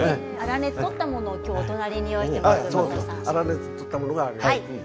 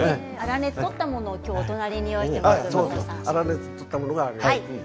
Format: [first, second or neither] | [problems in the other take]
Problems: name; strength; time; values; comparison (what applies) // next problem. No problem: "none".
second | background sound (Wind instrument, woodwind instrument); 11 dB below the speech